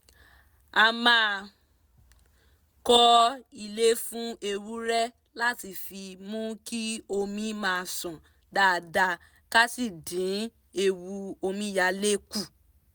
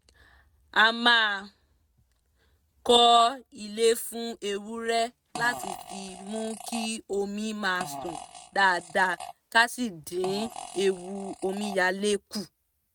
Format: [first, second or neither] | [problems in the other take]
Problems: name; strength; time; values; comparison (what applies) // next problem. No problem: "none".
first | noise reduction (neural mask model RNNoise)